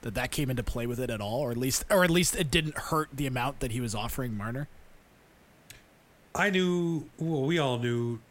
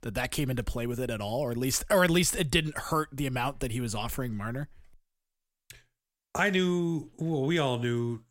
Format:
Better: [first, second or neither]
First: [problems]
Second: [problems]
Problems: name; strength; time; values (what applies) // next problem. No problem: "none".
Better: second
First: hiss; faint; throughout; 30 dB below the speech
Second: none